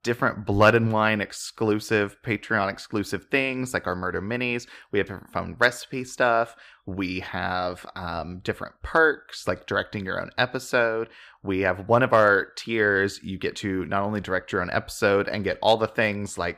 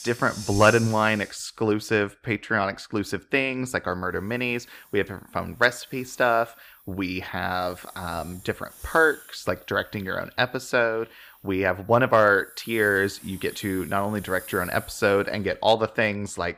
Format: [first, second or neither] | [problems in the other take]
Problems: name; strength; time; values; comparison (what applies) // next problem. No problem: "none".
first | hiss; noticeable; throughout; 20 dB below the speech